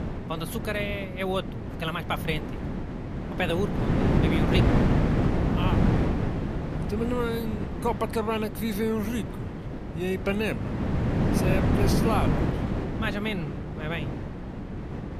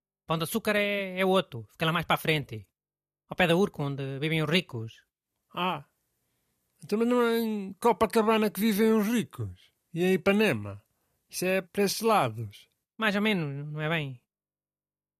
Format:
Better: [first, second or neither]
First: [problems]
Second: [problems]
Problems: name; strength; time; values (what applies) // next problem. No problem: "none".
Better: second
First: wind noise on the microphone; heavy; 2 dB below the speech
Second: none